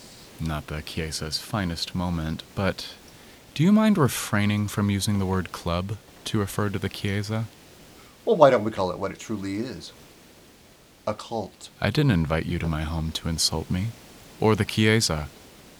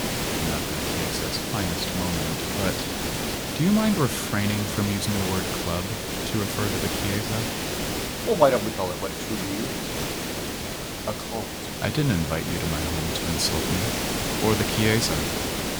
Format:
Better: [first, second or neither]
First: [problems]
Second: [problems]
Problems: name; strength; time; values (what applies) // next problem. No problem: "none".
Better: first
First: hiss; faint; throughout; 25 dB below the speech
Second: hiss; loud; throughout; as loud as the speech